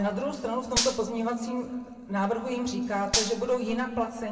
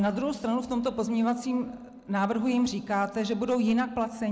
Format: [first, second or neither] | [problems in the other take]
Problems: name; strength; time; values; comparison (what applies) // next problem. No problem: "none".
second | background sound (Gunshot, gunfire); 4 dB below the speech // room echo; dies away in 1.5 s